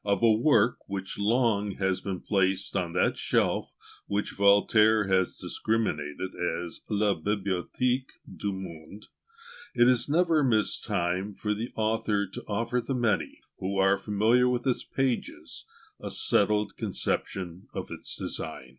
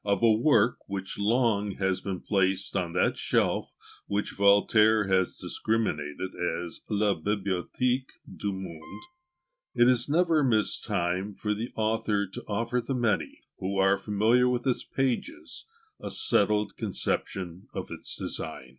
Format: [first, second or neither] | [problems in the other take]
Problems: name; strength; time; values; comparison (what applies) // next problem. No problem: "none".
first | noise reduction (neural mask model RNNoise)